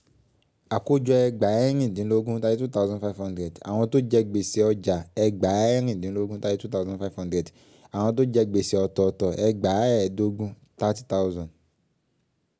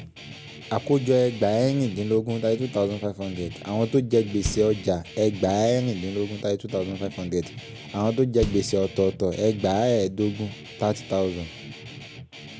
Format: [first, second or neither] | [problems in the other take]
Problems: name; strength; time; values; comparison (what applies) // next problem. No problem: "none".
first | background sound (Bass drum + Guitar); 14 dB below the speech